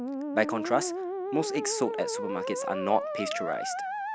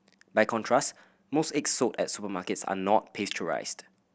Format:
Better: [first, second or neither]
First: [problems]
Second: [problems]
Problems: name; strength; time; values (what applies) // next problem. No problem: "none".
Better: second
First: background sound (Musical instrument); 2 dB below the speech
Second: none